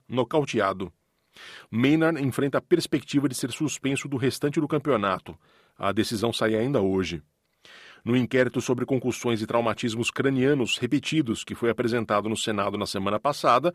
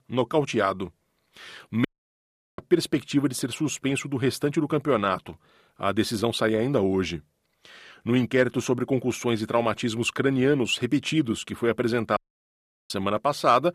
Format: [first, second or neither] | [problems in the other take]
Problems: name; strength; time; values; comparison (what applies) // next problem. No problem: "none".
first | audio cutting out; at 2 s for 0.5 s and at 12 s for 0.5 s